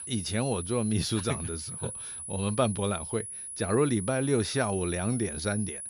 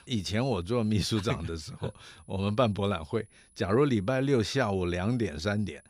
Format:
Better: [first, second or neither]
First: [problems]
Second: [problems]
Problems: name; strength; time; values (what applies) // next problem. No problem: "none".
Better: second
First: high-pitched whine; loud; throughout; 10.5 kHz, 7 dB below the speech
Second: high-pitched whine; faint; throughout; 10.5 kHz, 30 dB below the speech